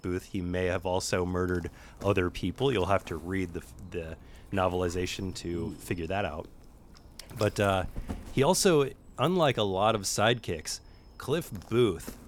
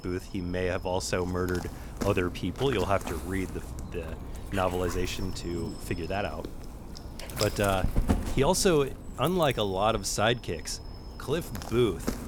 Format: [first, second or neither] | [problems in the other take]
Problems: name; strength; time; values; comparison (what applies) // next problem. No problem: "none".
first | animal sounds; loud; throughout; 9 dB below the speech; faint in the first